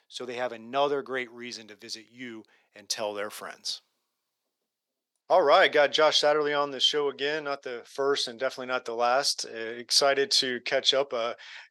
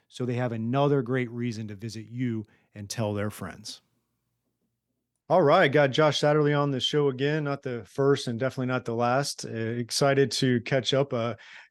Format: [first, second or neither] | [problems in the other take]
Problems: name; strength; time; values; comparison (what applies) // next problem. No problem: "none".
second | thin; very; fading below 600 Hz